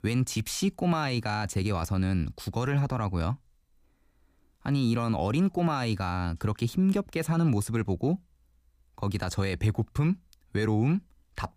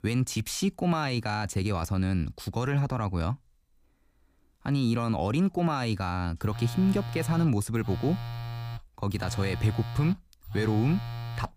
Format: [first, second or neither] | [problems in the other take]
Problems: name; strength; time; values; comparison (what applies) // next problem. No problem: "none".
first | phone ringing; noticeable; from 6.5 s on; peak 7 dB below the speech